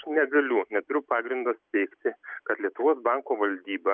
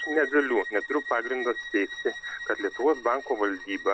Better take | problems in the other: first | background sound (Bowed string instrument); 10 dB below the speech

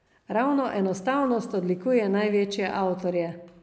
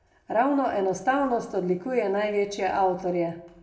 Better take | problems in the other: first | room echo; dies away in 0.2 s

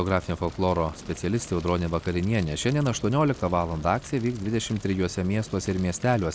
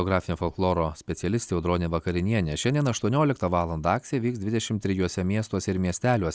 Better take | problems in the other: second | background sound (Fire); 18 dB below the speech

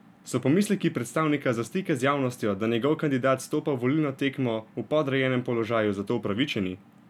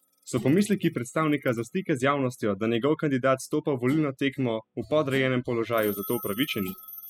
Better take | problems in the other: first | noise reduction (classical method spectral subtraction)

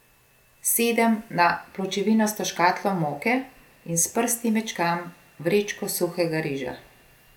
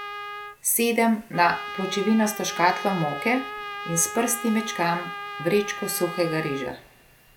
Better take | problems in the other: first | background sound (Trumpet); 10 dB below the speech

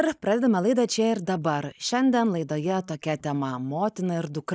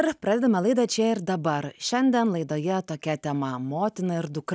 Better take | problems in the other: second | noise reduction (neural mask model Resemble Enhance denoiser)

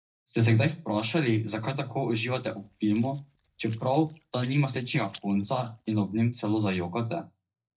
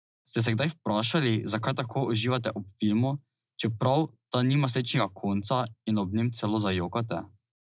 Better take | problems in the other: second | noise reduction (neural mask model DeepFilterNet 3)

